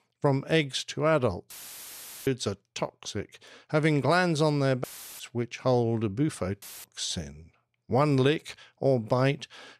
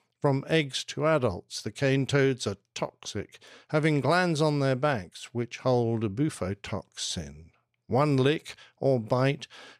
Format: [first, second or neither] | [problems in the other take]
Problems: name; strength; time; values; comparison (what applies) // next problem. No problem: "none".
second | audio cutting out; filled with static; at 1.5 s for 1 s, at 5 s and at 6.5 s